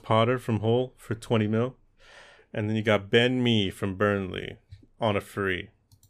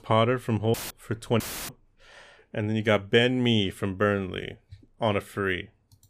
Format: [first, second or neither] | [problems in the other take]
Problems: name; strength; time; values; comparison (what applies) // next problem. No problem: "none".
first | audio cutting out; filled with static; at 0.5 s and at 1.5 s